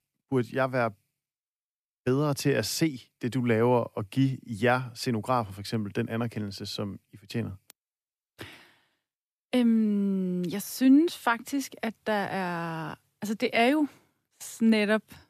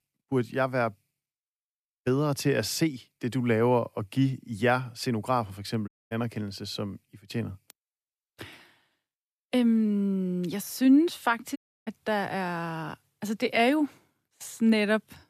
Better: first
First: none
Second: audio cutting out; at 6 s and at 12 s

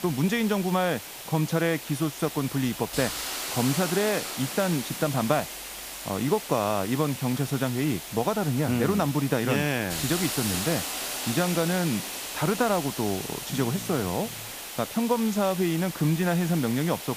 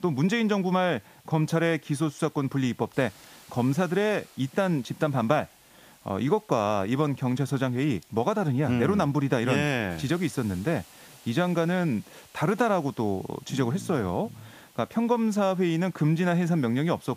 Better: second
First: hiss; loud; throughout; 6 dB below the speech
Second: hiss; faint; throughout; 25 dB below the speech

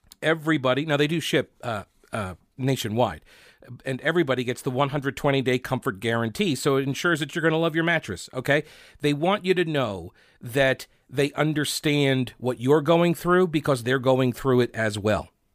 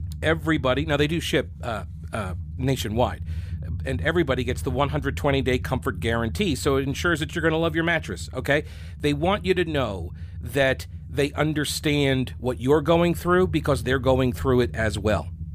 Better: first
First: none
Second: low rumble; faint; throughout; 25 dB below the speech

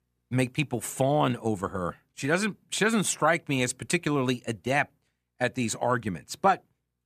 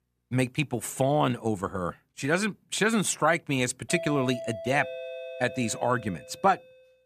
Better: first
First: none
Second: doorbell; noticeable; from 4 to 6.5 s; peak 8 dB below the speech

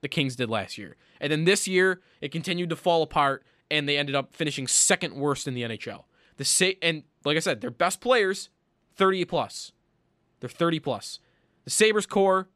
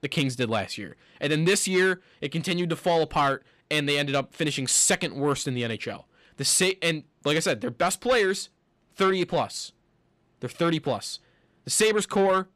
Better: first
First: none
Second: distortion; slight; 10 dB below the speech

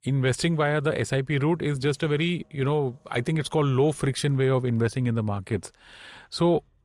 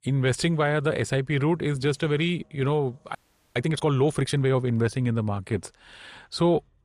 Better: first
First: none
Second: audio freezing; at 3 s

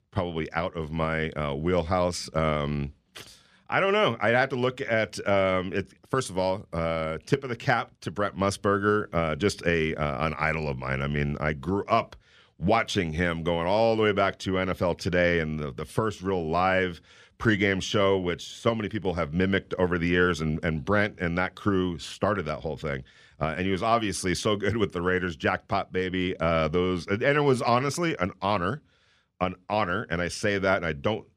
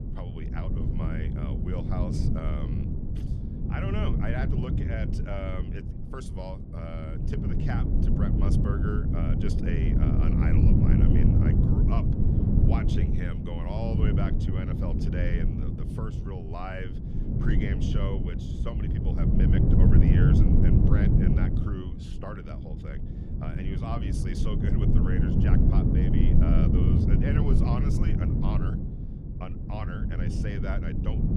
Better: first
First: none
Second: wind noise on the microphone; heavy; 3 dB above the speech

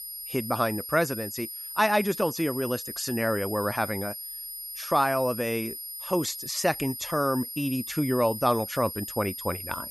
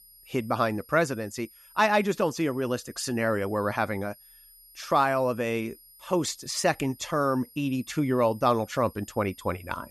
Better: second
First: high-pitched whine; loud; throughout; 11.5 kHz, 7 dB below the speech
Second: high-pitched whine; faint; throughout; 11.5 kHz, 25 dB below the speech

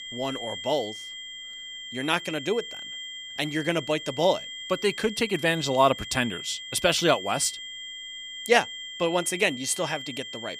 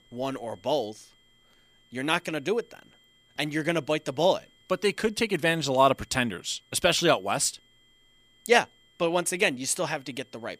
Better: second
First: high-pitched whine; loud; throughout; 3 kHz, 10 dB below the speech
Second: high-pitched whine; faint; throughout; 3 kHz, 35 dB below the speech

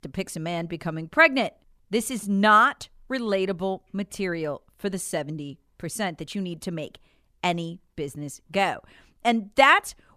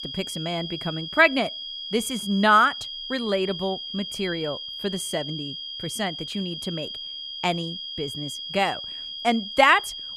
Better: first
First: none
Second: high-pitched whine; loud; throughout; 3.5 kHz, 8 dB below the speech

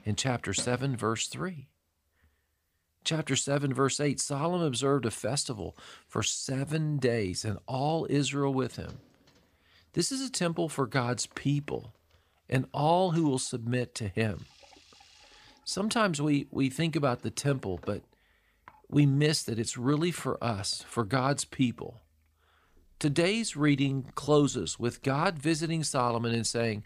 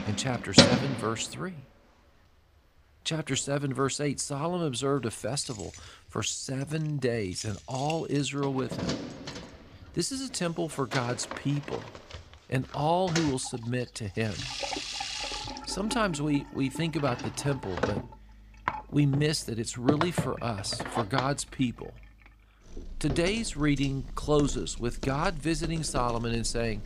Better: first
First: household noises; faint; throughout; 25 dB below the speech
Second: household noises; loud; throughout; 3 dB below the speech

